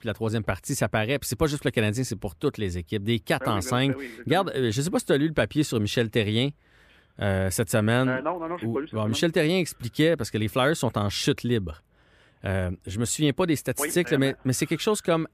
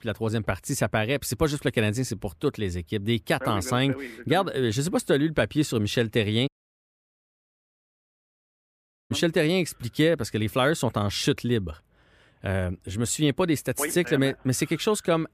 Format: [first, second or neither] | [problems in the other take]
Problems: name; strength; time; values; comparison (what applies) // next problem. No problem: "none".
first | audio cutting out; at 6.5 s for 2.5 s